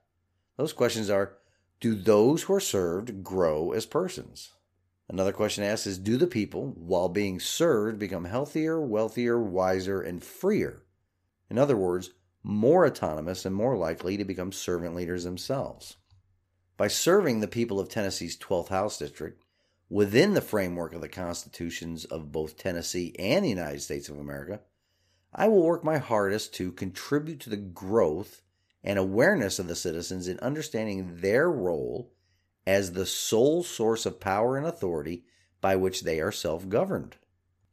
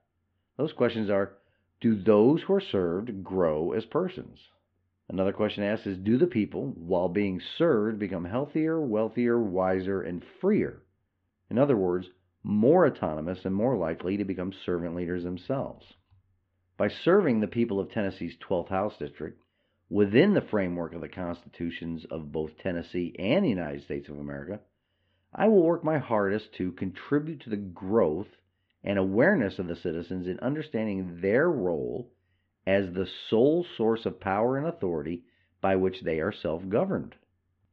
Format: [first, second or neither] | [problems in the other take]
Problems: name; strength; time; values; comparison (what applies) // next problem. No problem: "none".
first | muffled; very; fading above 3.5 kHz